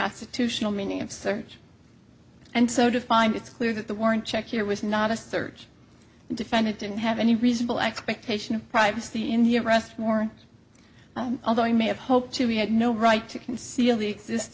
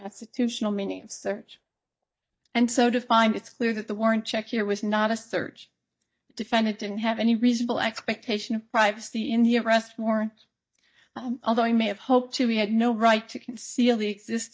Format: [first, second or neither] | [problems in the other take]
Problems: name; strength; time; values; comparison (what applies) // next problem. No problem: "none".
first | noise reduction (neural mask model DeepFilterNet 3)